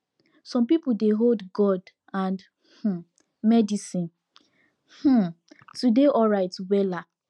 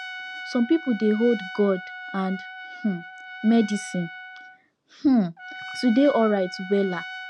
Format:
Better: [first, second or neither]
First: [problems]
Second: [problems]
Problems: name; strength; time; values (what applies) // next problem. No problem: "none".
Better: first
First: none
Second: background sound (Trumpet); 13 dB below the speech